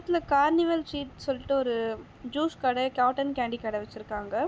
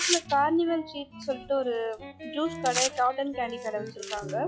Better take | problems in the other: first | noise reduction (classical method log-MMSE)

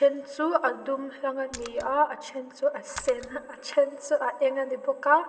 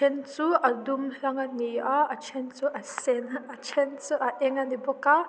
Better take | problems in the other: second | background sound (Splash, splatter); 18 dB below the speech // room echo; dies away in 2.9 s

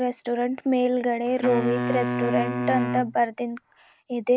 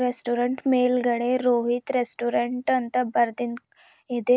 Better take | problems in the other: second | background sound (Wind instrument, woodwind instrument); 4 dB below the speech

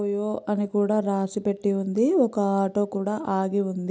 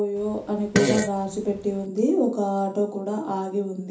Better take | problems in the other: first | background sound (Fart); 4 dB below the speech // room echo; dies away in 0.4 s

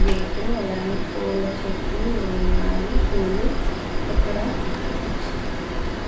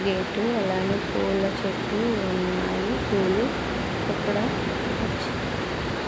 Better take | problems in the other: second | background sound (Sliding door); 4 dB above the speech // room echo; dies away in 0.3 s

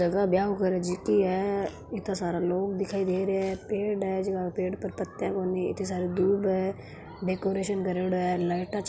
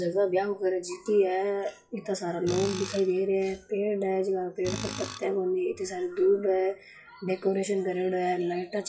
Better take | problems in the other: first | noise reduction (classical method WPE with log-MMSE)

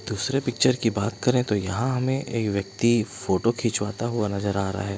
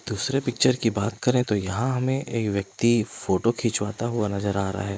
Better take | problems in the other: first | noise reduction (neural mask model Resemble Enhance denoiser)

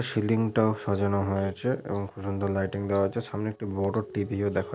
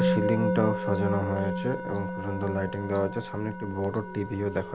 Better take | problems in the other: first | background sound (Musical instrument); 2 dB below the speech

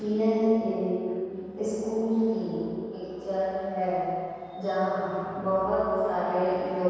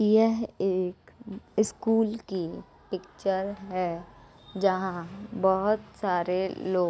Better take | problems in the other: second | room echo; dies away in 2.2 s

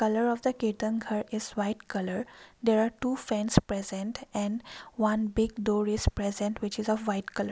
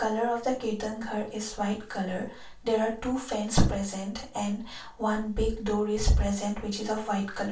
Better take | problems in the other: first | room echo; dies away in 0.3 s

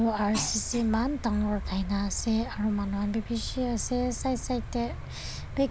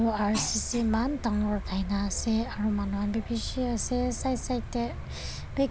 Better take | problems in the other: first | background sound (Musical instrument); 16 dB below the speech

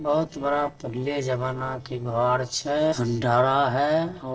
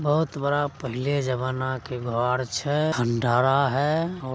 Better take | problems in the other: second | noise reduction (neural separator model SepFormer DNS4)

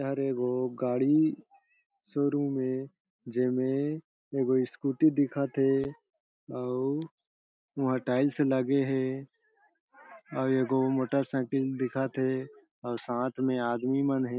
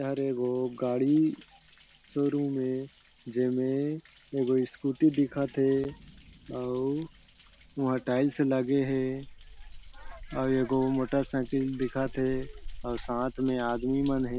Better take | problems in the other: first | background sound (Thunder); 16 dB below the speech

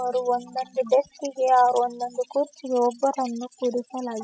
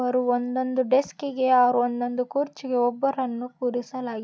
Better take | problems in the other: second | noise reduction (classical method spectral subtraction)

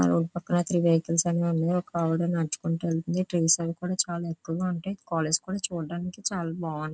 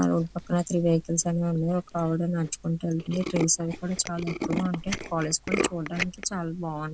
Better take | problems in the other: first | background sound (Tools); 8 dB below the speech

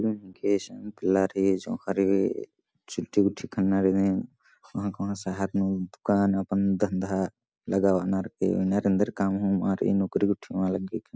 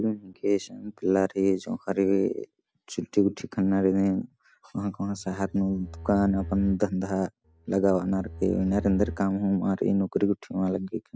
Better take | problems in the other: first | background sound (Bowed string instrument); 12 dB below the speech

